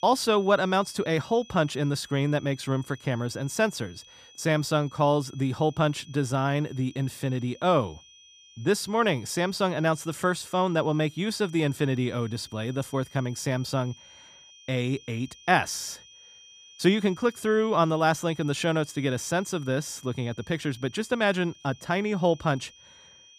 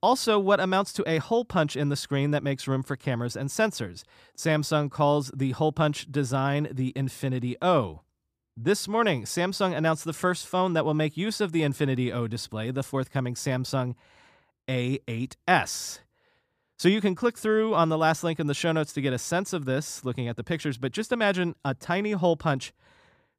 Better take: second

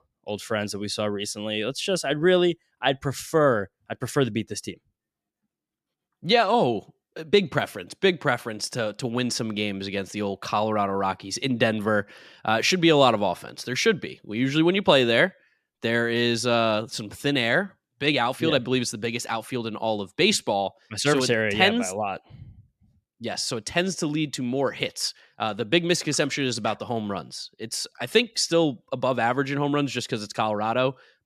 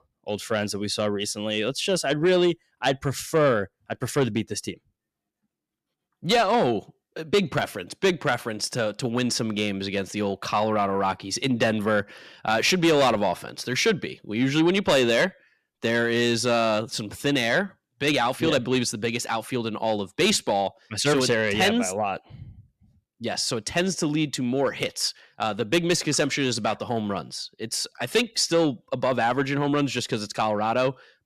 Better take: first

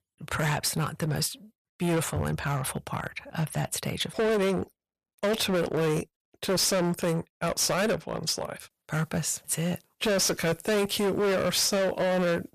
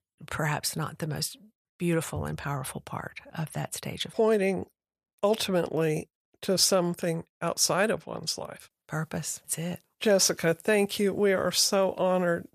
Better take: second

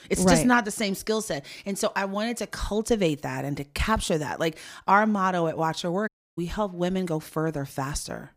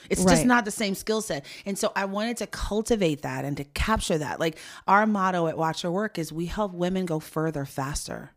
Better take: second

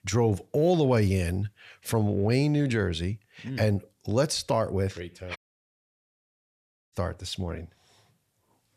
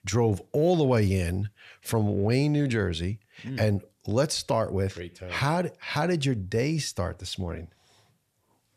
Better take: second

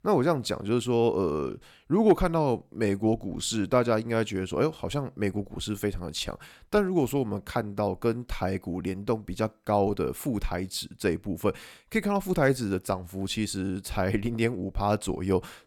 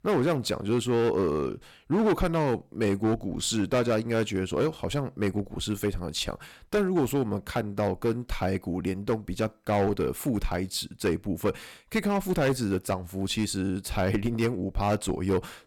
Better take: first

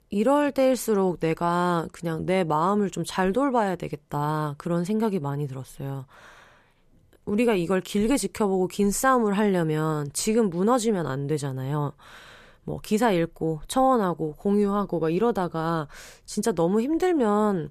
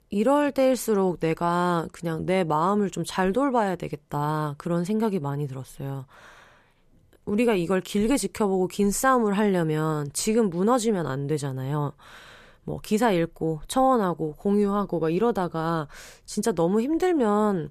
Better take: neither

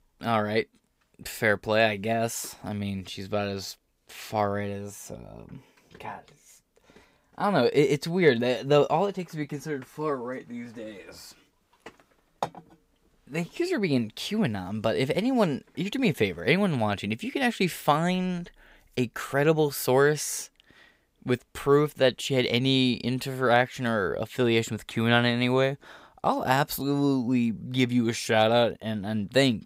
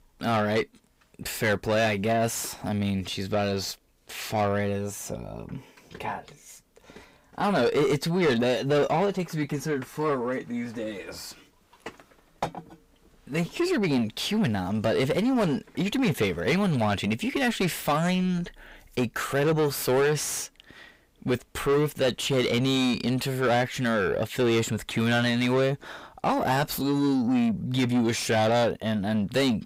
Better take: first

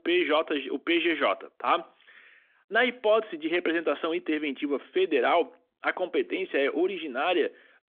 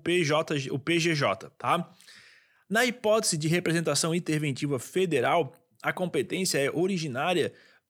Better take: second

